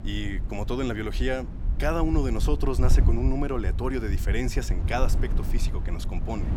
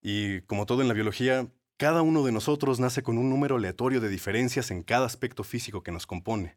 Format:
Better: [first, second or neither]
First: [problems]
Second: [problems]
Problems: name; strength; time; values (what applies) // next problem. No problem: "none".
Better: second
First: wind noise on the microphone; occasional gusts; 10 dB below the speech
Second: none